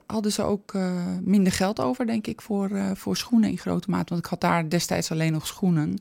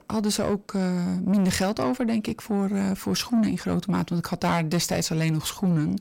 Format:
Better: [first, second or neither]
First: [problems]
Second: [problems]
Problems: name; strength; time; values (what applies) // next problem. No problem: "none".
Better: first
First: none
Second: distortion; slight; 10 dB below the speech